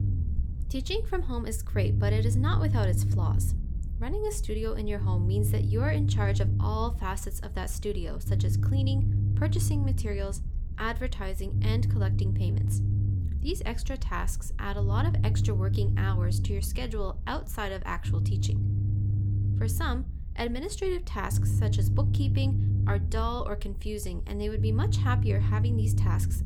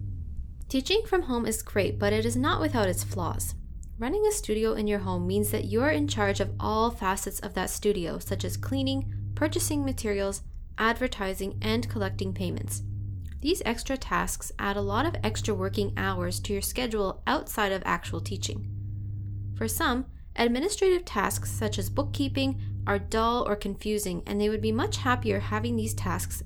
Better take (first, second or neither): second